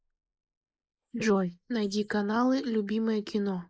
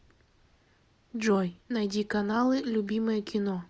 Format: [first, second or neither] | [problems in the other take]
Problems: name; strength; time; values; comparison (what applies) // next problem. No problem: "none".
second | noise reduction (neural mask model Resemble Enhance denoiser)